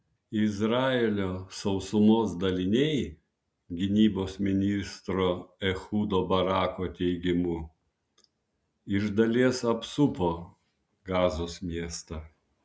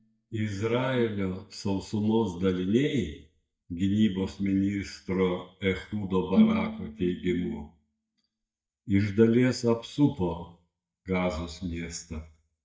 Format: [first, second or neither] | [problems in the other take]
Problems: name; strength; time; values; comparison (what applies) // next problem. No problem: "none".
first | noise reduction (neural mask model DeepFilterNet 3)